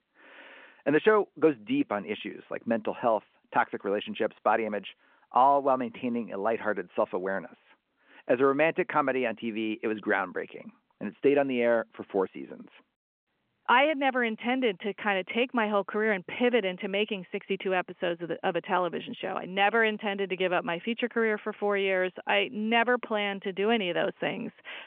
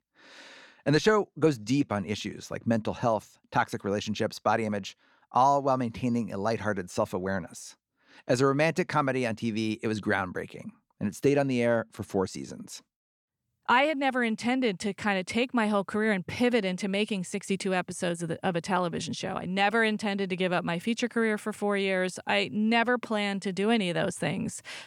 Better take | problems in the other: second | phone-call audio

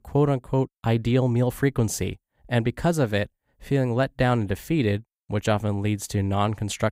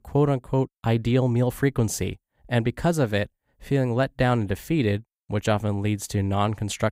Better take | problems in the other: neither | none

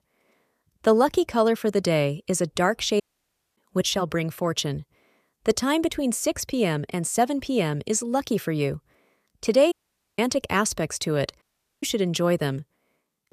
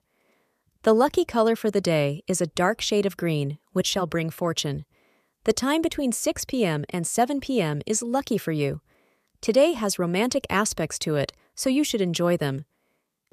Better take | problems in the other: second | audio cutting out; at 3 s for 0.5 s, at 9.5 s and at 11 s

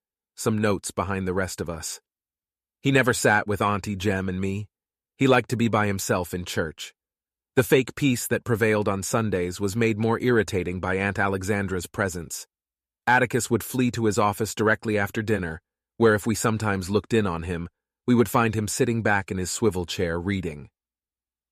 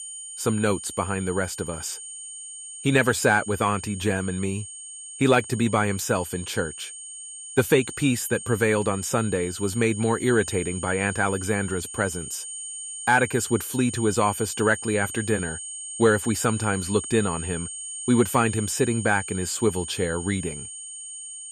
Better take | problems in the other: first | high-pitched whine; loud; throughout; 8.5 kHz, 9 dB below the speech

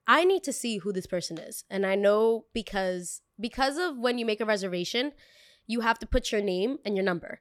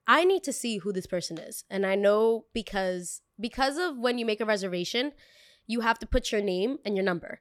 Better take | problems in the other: neither | none

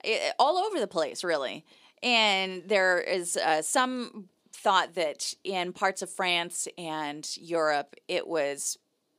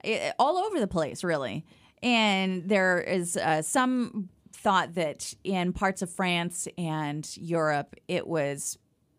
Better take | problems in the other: second | thin; somewhat; fading below 400 Hz

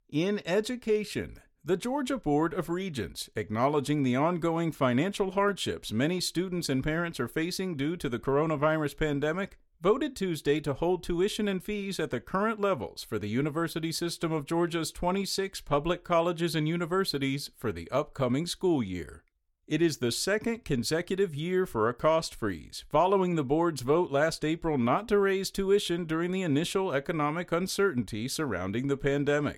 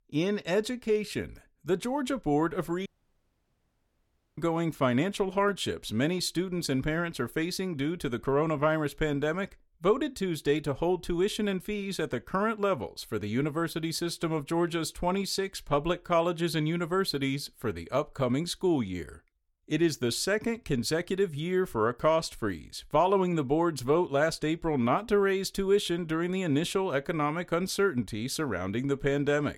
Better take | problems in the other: first | audio cutting out; at 3 s for 1.5 s

